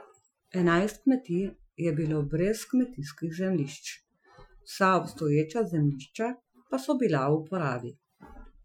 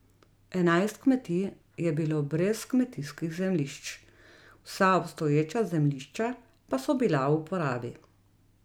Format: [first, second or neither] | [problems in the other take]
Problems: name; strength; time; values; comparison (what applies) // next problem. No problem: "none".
second | noise reduction (classical method Wiener filter)